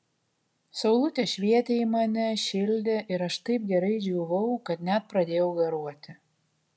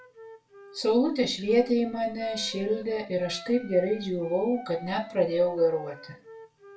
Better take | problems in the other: first | background sound (Wind instrument, woodwind instrument); 20 dB below the speech // room echo; dies away in 0.3 s

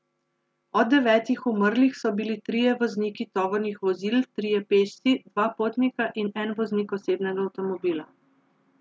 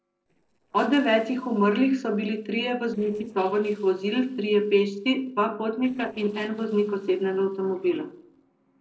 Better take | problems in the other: first | noise reduction (neural separator model SepFormer DNS4)

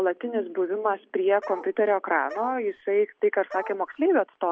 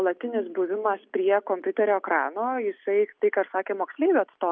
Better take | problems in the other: second | background sound (Bark); 15 dB below the speech

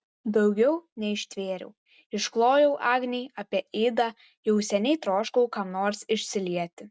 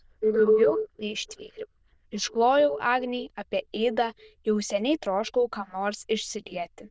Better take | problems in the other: first | noise reduction (neural diffusion model UNIVERSE++)

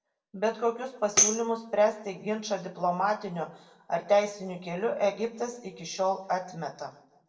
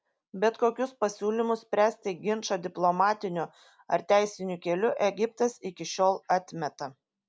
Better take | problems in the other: second | background sound (Tambourine); as loud as the speech // room echo; dies away in 0.6 s

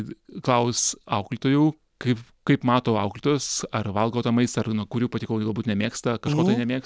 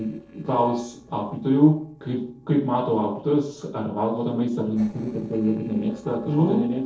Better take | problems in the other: first | noise reduction (neural separator model SepFormer DNS4)

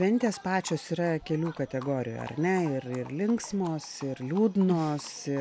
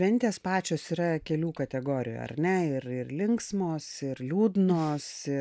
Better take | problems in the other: second | background sound (Livestock, farm animals, working animals); 20 dB below the speech

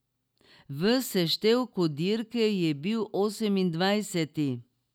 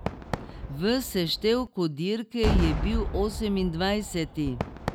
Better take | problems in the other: first | background sound (Cheering / Fireworks); 3 dB below the speech

